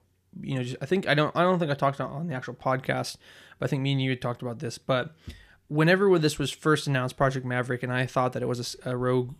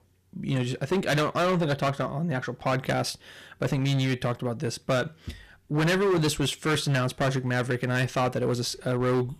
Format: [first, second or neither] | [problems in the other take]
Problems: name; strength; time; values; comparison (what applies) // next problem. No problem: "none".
first | distortion; heavy; 13% of the sound clipped